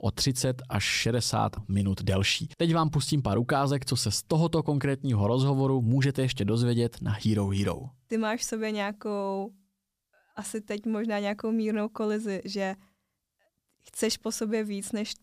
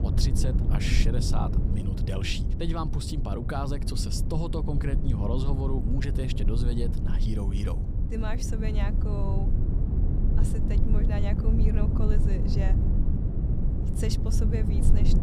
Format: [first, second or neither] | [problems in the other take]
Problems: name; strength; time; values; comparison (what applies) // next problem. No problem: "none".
first | low rumble; loud; throughout; 4 dB below the speech